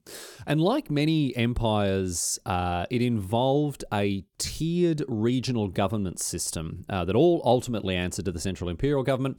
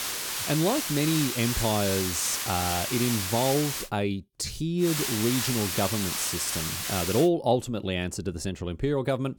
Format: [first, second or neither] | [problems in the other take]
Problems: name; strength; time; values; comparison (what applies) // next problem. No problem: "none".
first | hiss; loud; until 4 s and from 5 to 7 s; 1 dB below the speech